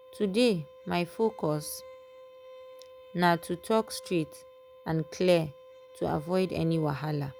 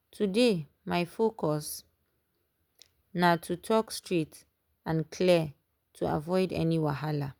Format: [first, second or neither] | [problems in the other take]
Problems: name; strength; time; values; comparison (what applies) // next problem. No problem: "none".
second | background sound (Bowed string instrument); 19 dB below the speech